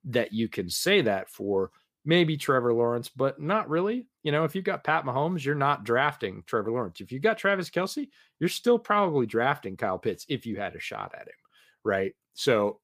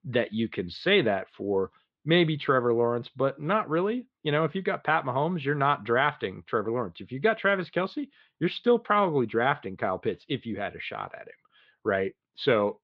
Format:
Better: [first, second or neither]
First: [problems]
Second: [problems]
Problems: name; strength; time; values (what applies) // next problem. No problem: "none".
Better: first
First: none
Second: muffled; slightly; fading above 3.5 kHz